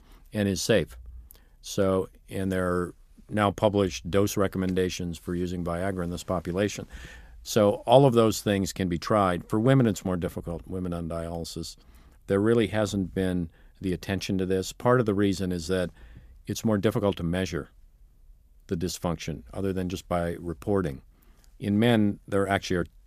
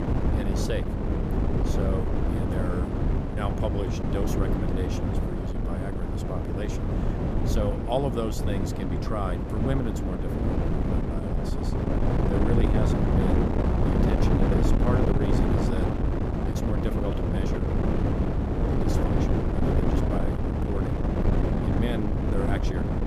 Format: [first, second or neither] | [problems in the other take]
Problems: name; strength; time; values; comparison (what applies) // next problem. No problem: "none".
first | wind noise on the microphone; heavy; 3 dB above the speech